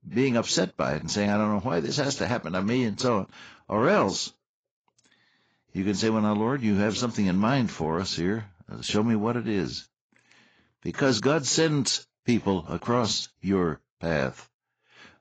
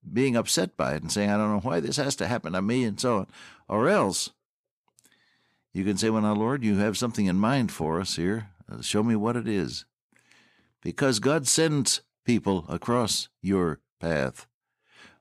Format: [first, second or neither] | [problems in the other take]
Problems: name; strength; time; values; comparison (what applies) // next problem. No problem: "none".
second | garbled, watery; badly; nothing above 7.5 kHz